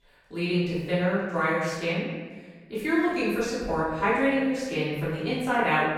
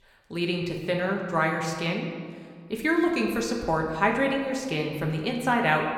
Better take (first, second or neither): second